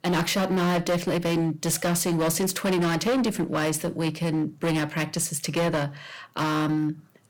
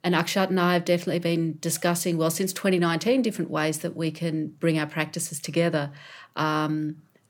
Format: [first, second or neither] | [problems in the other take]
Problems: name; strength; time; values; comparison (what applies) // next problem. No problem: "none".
second | distortion; heavy; 18% of the sound clipped